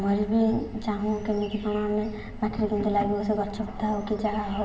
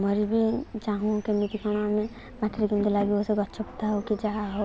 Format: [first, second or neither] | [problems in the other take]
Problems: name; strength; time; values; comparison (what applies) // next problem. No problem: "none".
second | room echo; dies away in 2.4 s